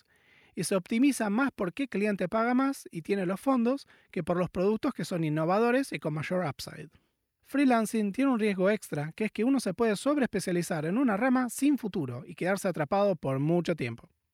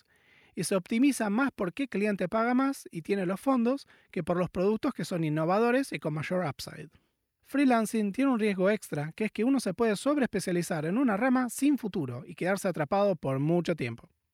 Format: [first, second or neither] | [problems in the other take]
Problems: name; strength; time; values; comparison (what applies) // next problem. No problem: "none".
neither | none